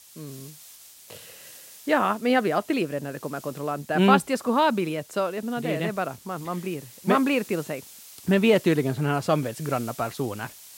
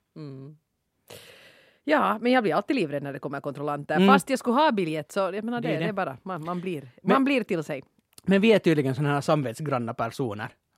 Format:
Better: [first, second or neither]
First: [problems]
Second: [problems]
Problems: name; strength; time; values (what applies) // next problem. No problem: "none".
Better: second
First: hiss; noticeable; throughout; 20 dB below the speech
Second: none